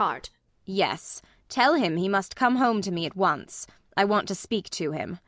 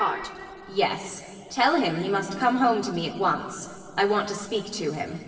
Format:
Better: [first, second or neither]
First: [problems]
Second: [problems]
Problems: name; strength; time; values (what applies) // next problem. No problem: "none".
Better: first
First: none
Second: room echo; dies away in 2.4 s